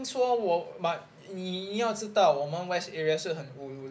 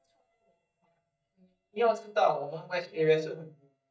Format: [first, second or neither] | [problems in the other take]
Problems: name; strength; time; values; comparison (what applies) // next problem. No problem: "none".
first | noise reduction (neural mask model DeepFilterNet 3)